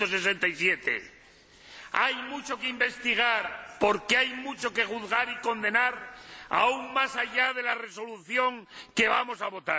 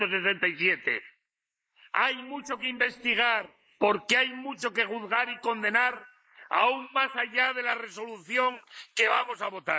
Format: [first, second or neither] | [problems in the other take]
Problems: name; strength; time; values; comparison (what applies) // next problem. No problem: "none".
first | noise reduction (neural mask model Resemble Enhance denoiser)